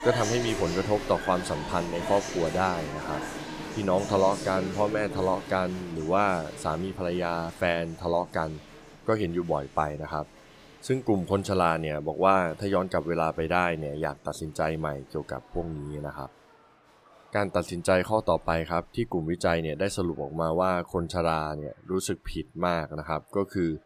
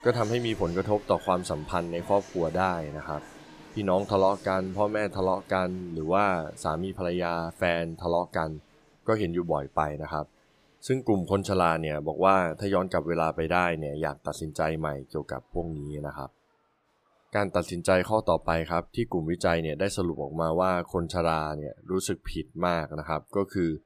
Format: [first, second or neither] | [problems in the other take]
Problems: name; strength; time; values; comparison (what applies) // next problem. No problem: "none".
second | crowd noise; loud; throughout; 9 dB below the speech; faint in the second